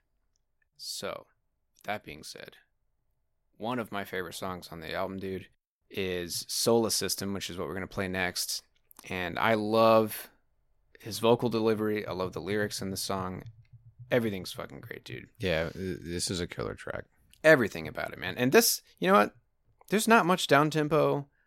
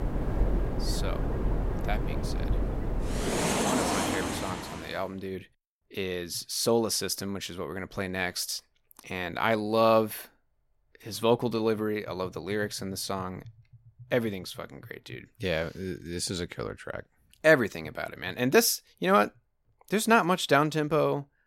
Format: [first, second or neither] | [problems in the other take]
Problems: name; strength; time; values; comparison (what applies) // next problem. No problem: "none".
first | train or aircraft noise; loud; until 5 s; 2 dB below the speech